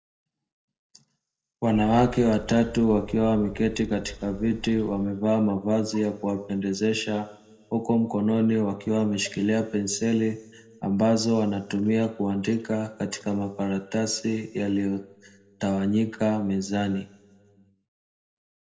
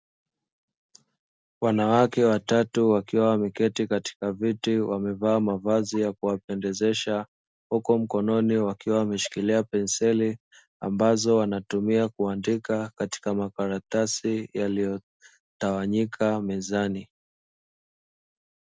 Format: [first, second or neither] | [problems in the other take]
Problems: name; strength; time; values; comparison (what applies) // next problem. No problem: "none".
second | background sound (Gull, seagull / Wind); 15 dB below the speech // room echo; dies away in 0.8 s